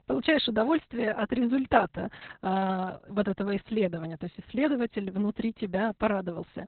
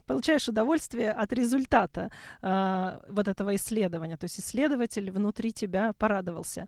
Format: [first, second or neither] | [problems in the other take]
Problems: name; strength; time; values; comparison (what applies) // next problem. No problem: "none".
second | garbled, watery; badly; nothing above 4 kHz; slightly in the second